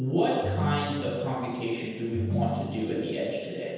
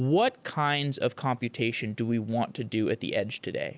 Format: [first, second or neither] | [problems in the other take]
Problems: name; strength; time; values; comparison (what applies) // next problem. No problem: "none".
second | background sound (Ringtone); 4 dB below the speech // room echo; dies away in 1.2 s